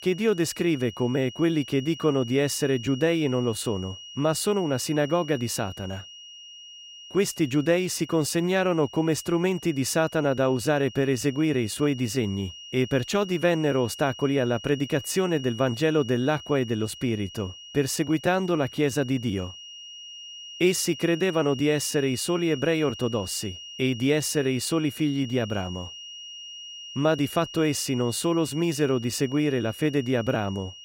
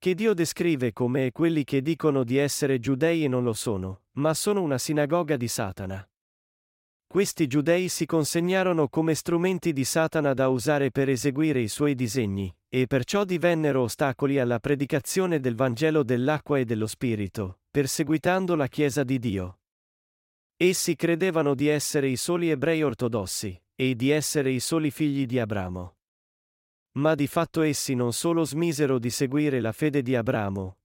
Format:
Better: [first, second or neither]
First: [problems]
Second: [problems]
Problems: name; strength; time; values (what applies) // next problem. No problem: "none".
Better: second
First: high-pitched whine; noticeable; throughout; 3 kHz, 15 dB below the speech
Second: none